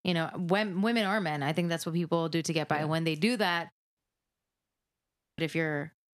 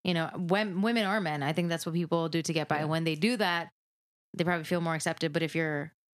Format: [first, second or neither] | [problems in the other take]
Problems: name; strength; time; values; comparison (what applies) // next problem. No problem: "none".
second | audio cutting out; at 4 s for 1.5 s